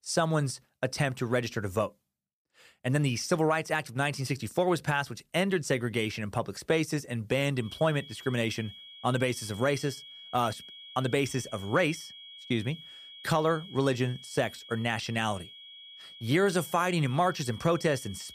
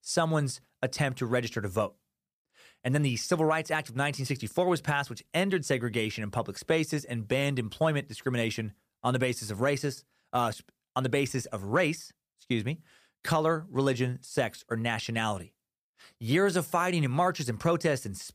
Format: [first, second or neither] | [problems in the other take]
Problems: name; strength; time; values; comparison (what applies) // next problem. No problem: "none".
second | high-pitched whine; noticeable; from 7.5 s on; 3.5 kHz, 15 dB below the speech